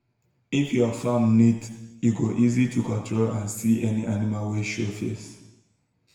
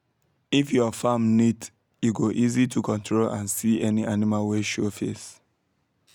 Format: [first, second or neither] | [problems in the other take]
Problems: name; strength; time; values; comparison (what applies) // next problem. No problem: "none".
second | room echo; dies away in 0.9 s